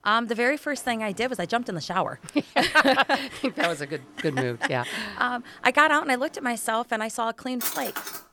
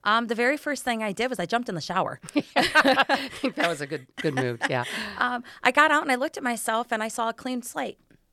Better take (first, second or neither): second